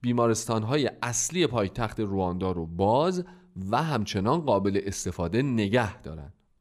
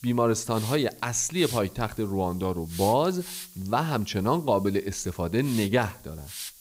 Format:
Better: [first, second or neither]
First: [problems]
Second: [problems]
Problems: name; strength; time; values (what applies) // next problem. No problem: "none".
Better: first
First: none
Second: hiss; noticeable; throughout; 15 dB below the speech